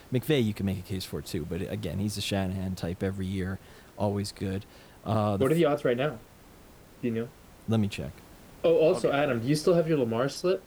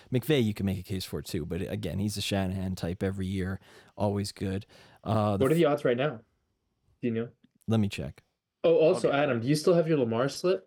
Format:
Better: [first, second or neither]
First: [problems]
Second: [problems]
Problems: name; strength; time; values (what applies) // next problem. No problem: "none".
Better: second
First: hiss; faint; throughout; 25 dB below the speech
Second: none